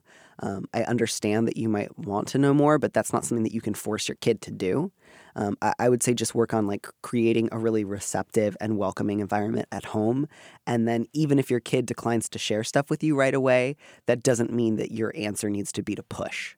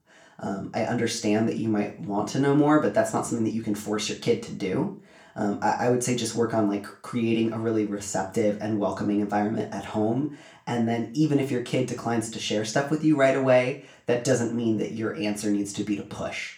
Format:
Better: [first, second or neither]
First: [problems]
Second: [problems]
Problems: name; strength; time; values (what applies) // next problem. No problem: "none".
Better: first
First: none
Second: room echo; slight; dies away in 0.3 s // off-mic speech; far